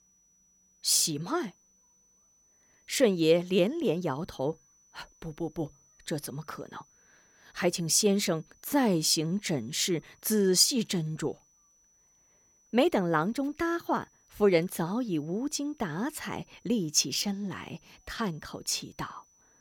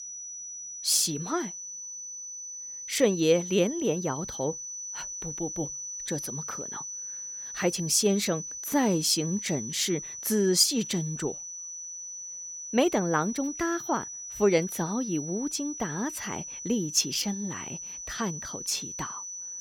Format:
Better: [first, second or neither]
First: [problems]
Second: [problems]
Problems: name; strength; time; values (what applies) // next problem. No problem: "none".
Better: first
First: high-pitched whine; faint; throughout; 6 kHz, 35 dB below the speech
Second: high-pitched whine; loud; throughout; 6 kHz, 8 dB below the speech